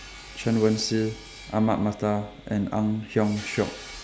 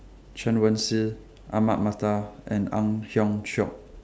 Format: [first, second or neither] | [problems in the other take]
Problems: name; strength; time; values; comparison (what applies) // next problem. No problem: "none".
second | background sound (Sawing + Crash cymbal); 18 dB below the speech